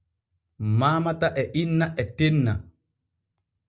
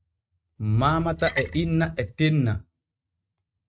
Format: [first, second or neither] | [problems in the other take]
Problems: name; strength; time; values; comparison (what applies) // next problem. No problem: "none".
first | noise reduction (neural mask model RNNoise)